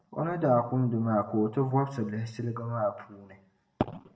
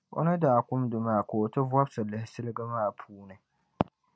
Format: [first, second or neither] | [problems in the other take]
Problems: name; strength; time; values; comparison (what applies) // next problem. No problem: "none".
second | room echo; dies away in 0.6 s